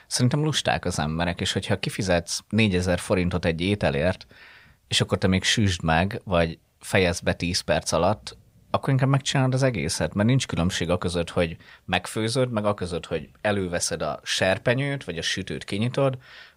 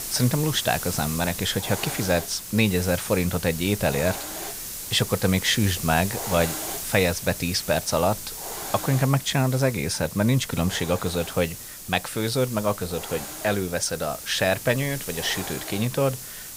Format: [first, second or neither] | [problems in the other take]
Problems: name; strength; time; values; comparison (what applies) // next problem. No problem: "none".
first | hiss; loud; throughout; 8 dB below the speech